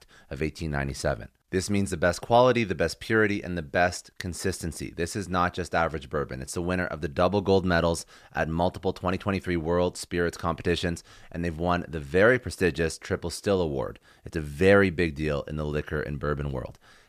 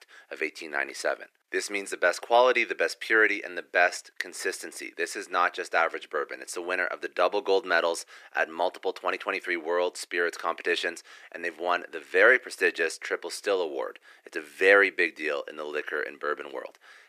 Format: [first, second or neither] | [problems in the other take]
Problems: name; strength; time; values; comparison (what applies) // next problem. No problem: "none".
first | thin; very; fading below 350 Hz